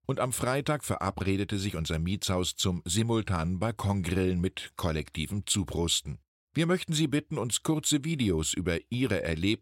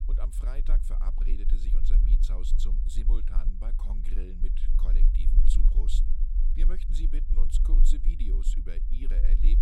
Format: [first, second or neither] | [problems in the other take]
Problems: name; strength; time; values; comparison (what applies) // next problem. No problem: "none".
first | low rumble; loud; throughout; 5 dB below the speech